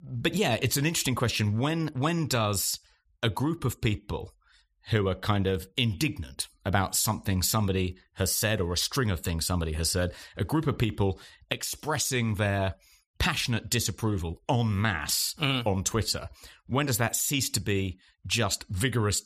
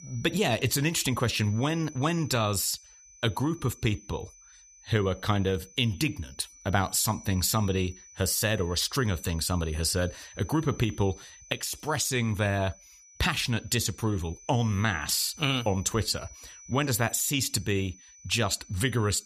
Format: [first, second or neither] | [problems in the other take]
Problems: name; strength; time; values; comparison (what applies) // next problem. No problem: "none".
first | high-pitched whine; faint; throughout; 6 kHz, 20 dB below the speech